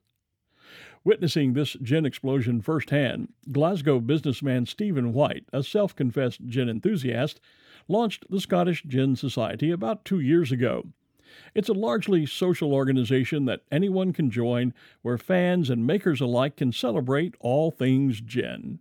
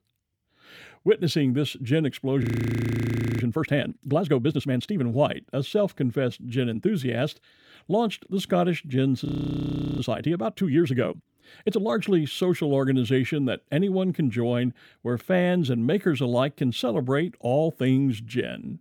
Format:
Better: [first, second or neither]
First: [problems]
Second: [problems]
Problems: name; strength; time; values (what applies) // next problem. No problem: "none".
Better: first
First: none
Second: audio freezing; at 2.5 s for 1 s and at 9.5 s for 0.5 s